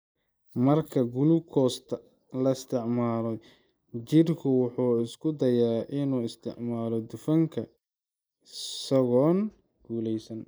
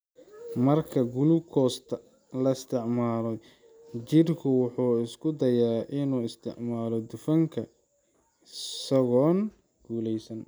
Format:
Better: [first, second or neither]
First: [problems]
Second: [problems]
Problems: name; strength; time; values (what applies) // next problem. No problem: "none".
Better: second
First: noise reduction (neural mask model Resemble Enhance denoiser)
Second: none